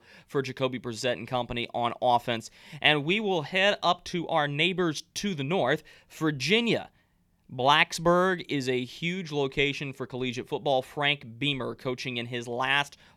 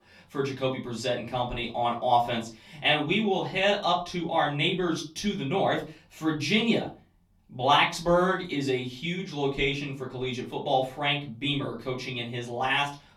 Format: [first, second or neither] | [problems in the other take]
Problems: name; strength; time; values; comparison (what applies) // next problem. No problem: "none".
first | off-mic speech; far // room echo; very slight; dies away in 0.3 s